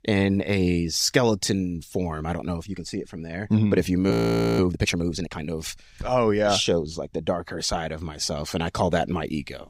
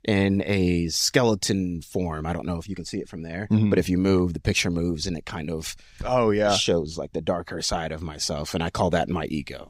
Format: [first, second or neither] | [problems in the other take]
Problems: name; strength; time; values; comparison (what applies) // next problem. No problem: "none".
second | audio freezing; at 4 s